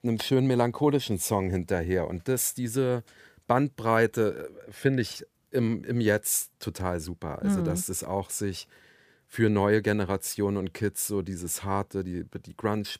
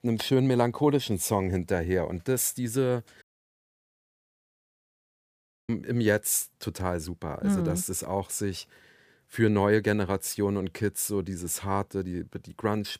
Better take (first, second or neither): first